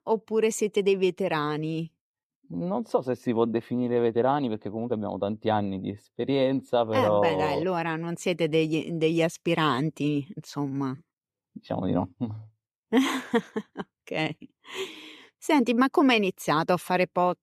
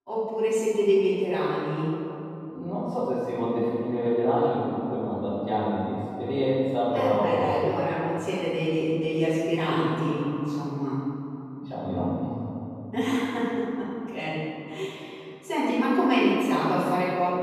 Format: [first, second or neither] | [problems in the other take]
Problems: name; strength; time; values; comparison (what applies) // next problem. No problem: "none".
first | room echo; strong; dies away in 2.8 s // off-mic speech; far